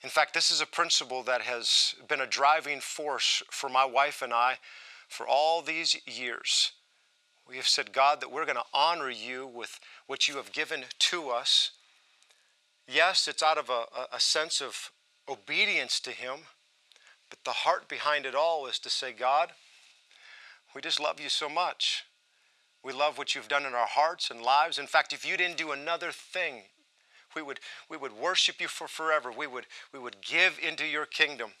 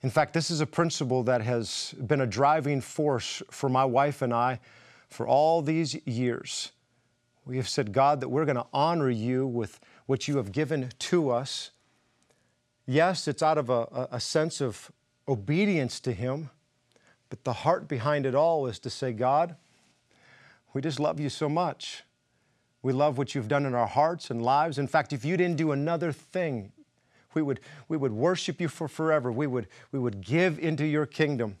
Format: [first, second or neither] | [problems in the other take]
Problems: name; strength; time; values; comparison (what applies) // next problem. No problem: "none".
second | thin; very; fading below 1 kHz